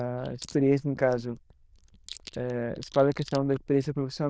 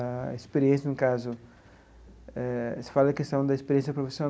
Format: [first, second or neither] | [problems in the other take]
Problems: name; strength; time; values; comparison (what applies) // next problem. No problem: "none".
second | noise reduction (neural diffusion model UNIVERSE++)